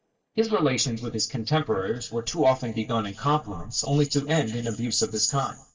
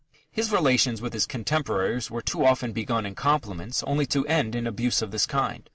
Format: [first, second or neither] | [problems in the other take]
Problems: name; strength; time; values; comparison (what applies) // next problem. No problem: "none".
second | noise reduction (neural mask model DeepFilterNet 3)